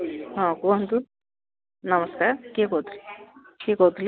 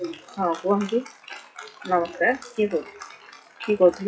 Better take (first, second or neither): first